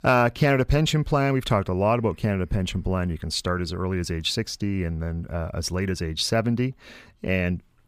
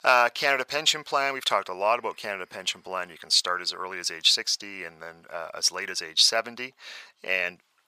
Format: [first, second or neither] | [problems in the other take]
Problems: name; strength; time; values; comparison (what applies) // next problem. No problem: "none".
first | thin; very; fading below 850 Hz